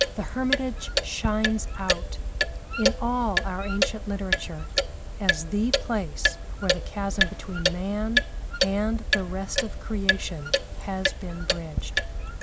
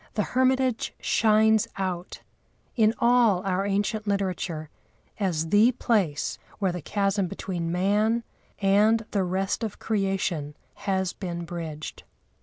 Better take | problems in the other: second | background sound (Clock); 3 dB above the speech

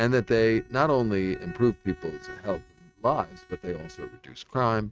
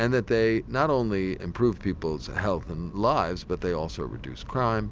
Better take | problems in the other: second | noise reduction (neural mask model RNNoise)

